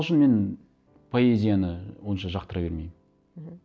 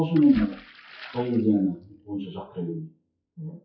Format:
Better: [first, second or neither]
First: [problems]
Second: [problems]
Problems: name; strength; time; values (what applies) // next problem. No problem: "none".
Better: first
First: none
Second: noise reduction (classical method WPE with log-MMSE)